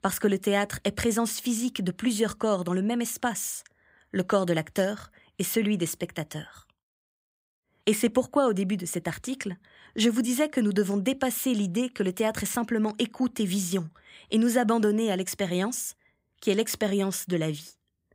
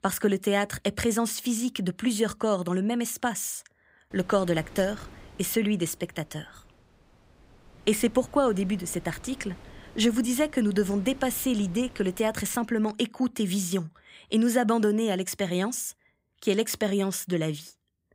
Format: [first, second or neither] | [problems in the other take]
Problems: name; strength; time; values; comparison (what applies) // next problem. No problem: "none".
first | wind noise on the microphone; occasional gusts; from 4 to 13 s; 25 dB below the speech